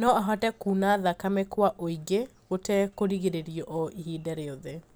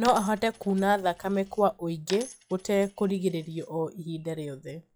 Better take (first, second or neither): first